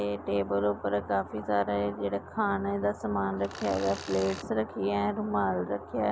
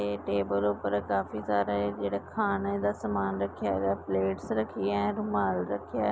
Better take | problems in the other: second | background sound (Tools); 14 dB below the speech

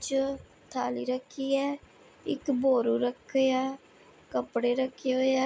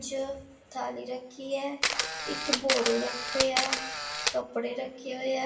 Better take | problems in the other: first | background sound (Camera); 2 dB above the speech // room echo; dies away in 0.8 s

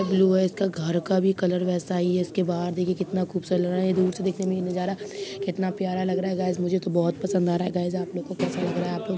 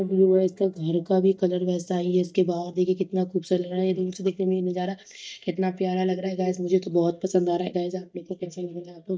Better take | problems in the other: first | noise reduction (neural mask model DeepFilterNet 3)

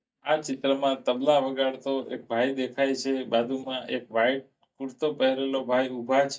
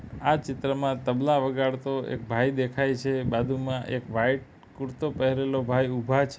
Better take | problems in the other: second | noise reduction (neural mask model DeepFilterNet 3)

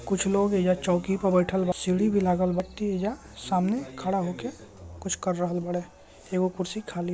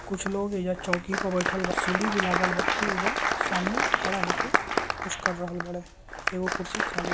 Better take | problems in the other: first | background sound (Applause); 3 dB above the speech

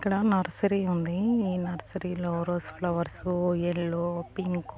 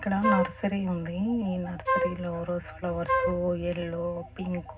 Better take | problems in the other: first | background sound (Wind instrument, woodwind instrument); as loud as the speech // room echo; dies away in 0.4 s

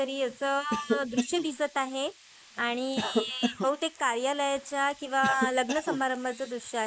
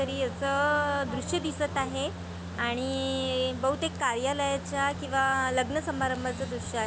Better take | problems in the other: second | noise reduction (neural mask model Resemble Enhance denoiser)

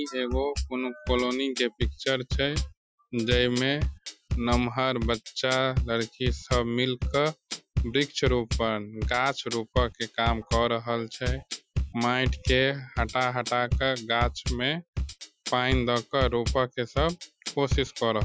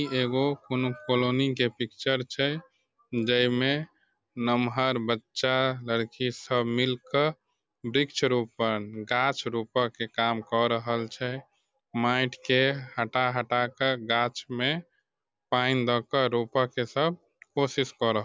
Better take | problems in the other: second | noise reduction (classical method Wiener filter)

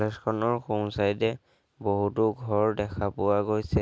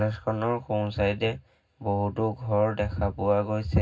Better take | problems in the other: first | room echo; dies away in 0.4 s

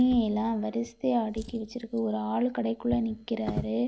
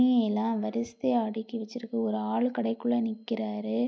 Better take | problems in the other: second | background sound (Drawer open or close); 13 dB below the speech

